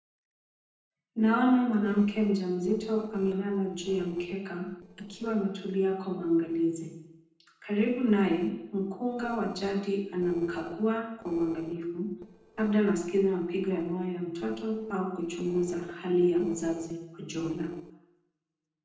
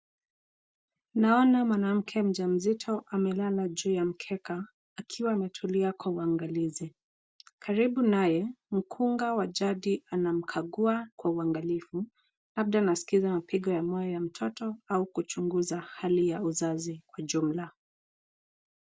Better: second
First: noise reduction (neural separator model SepFormer DNS4)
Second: none

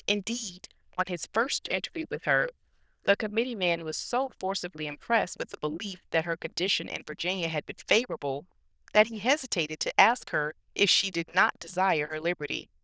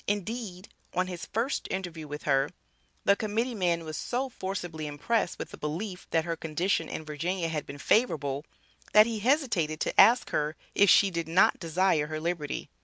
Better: second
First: noise reduction (neural diffusion model UNIVERSE++)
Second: none

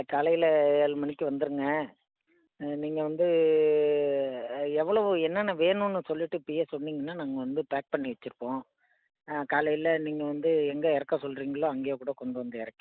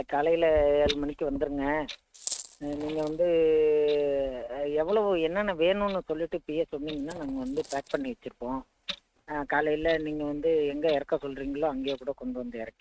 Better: first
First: none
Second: noise reduction (neural mask model RNNoise)

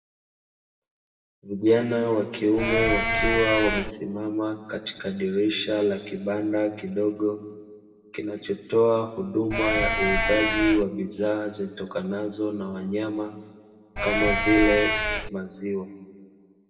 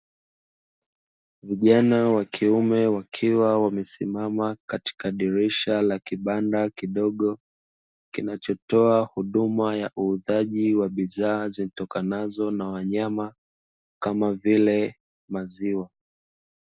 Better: second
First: background sound (Livestock, farm animals, working animals); 1 dB above the speech // room echo; dies away in 1.4 s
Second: none

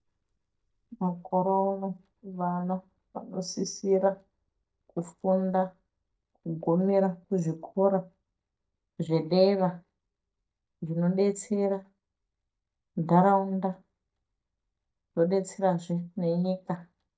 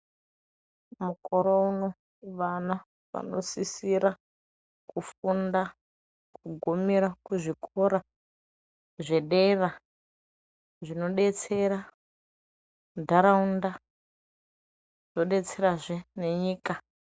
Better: second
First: noise reduction (neural mask model DeepFilterNet 3)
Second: none

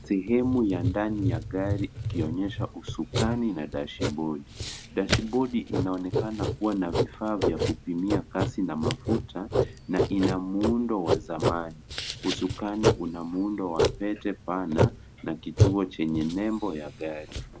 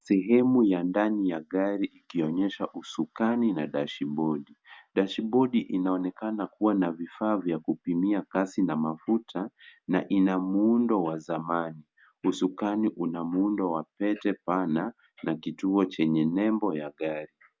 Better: second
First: background sound (Writing); 1 dB below the speech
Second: none

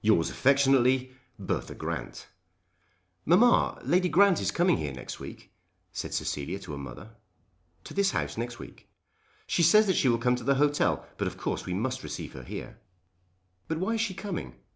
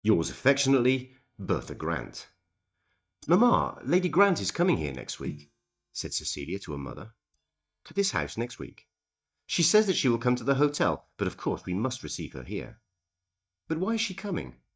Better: first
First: none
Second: noise reduction (neural mask model DeepFilterNet 3)

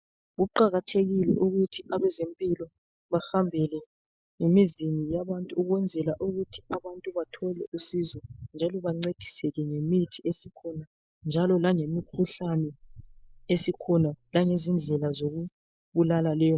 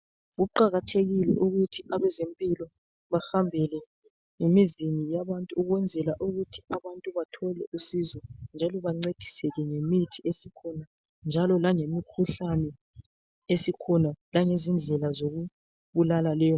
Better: second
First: noise reduction (neural mask model Resemble Enhance denoiser)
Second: none

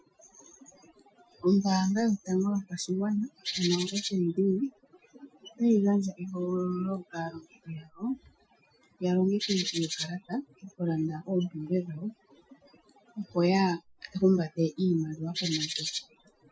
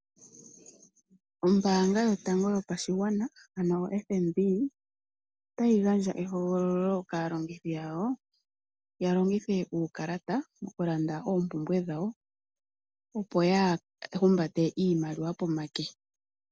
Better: second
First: noise reduction (classical method Wiener filter)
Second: none

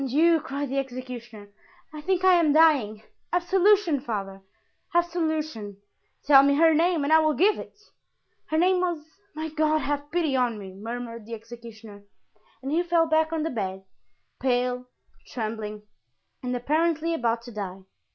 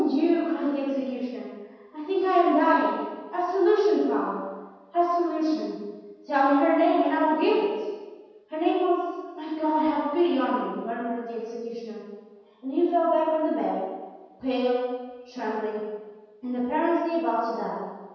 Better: first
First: none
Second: room echo; dies away in 1.2 s

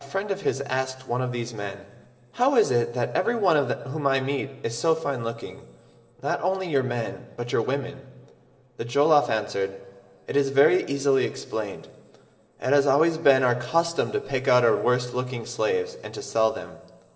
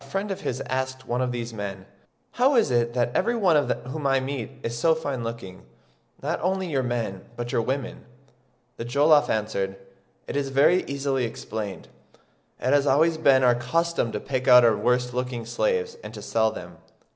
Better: second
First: room echo; dies away in 2.3 s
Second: none

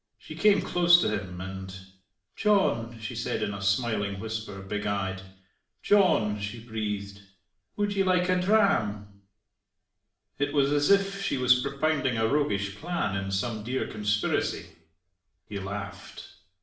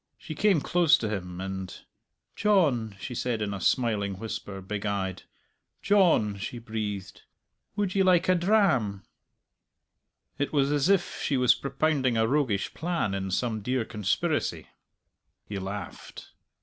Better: second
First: room echo; dies away in 0.5 s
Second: none

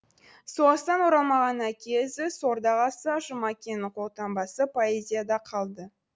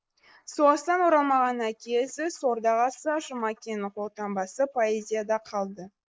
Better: first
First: none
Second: noise reduction (neural mask model Resemble Enhance denoiser)

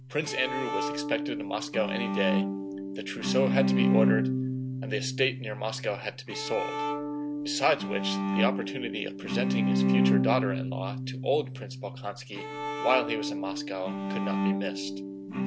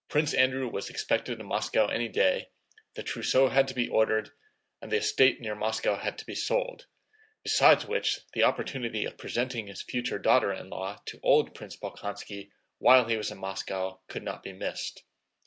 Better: second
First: background sound (Bowed string instrument); 3 dB above the speech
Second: none

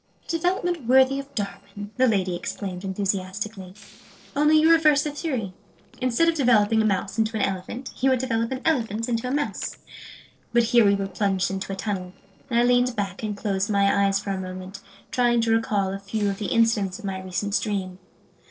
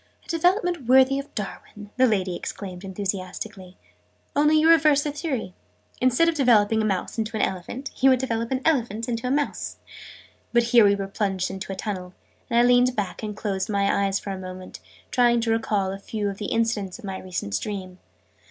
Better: second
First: noise reduction (neural separator model SepFormer DNS4)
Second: none

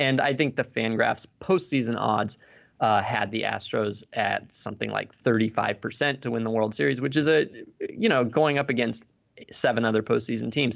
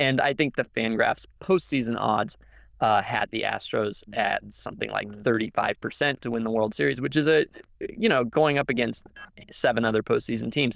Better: first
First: none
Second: noise reduction (neural diffusion model UNIVERSE++)

